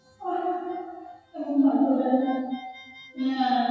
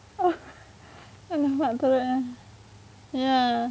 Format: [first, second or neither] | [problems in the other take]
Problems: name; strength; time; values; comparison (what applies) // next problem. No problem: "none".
second | noise reduction (classical method WPE with log-MMSE)